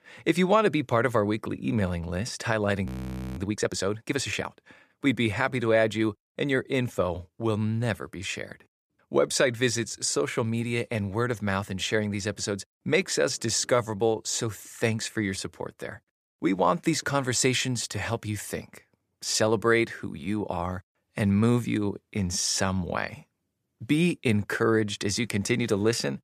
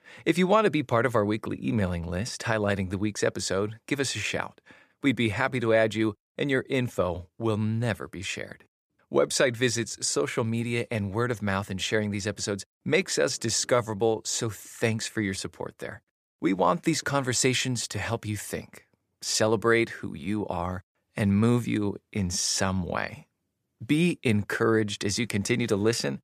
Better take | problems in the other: second | audio freezing; at 3 s for 0.5 s

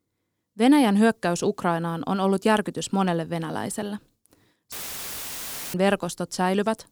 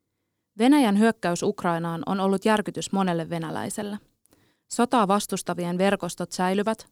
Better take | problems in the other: second | audio cutting out; filled with static; at 4.5 s for 1 s

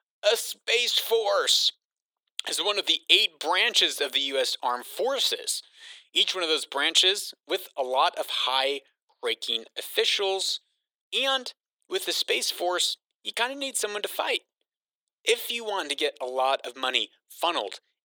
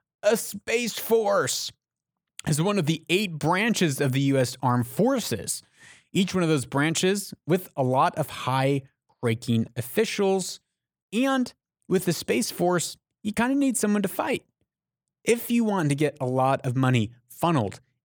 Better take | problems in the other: second | thin; very; fading below 400 Hz

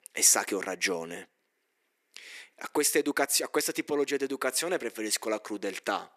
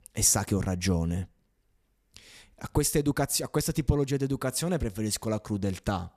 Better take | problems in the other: second | thin; somewhat; fading below 350 Hz

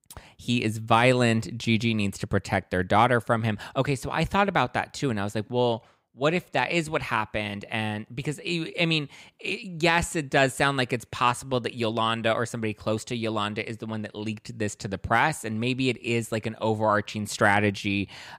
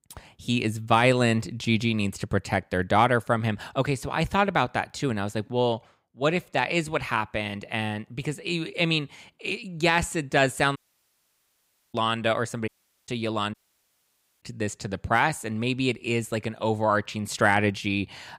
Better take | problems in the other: first | audio cutting out; at 11 s for 1 s, at 13 s and at 14 s for 1 s

